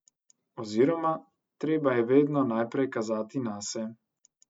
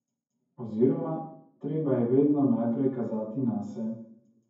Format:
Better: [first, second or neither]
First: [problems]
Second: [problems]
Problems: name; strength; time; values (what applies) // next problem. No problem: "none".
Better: first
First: none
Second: room echo; dies away in 0.9 s